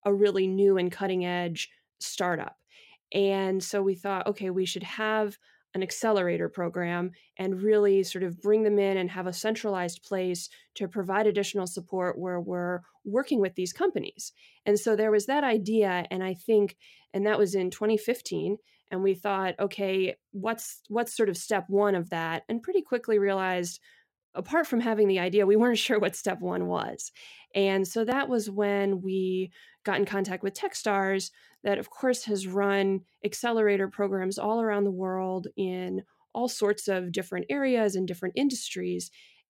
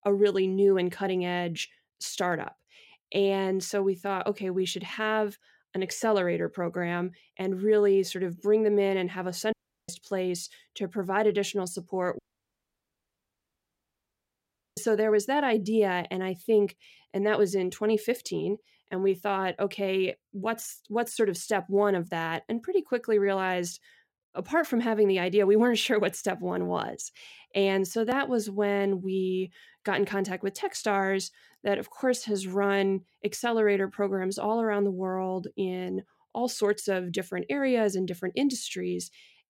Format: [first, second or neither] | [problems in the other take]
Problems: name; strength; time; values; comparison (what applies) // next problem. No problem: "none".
first | audio cutting out; at 9.5 s and at 12 s for 2.5 s